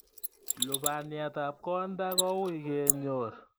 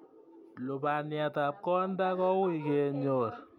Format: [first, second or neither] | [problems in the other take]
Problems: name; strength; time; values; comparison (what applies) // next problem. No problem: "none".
second | noise reduction (neural mask model Resemble Enhance denoiser)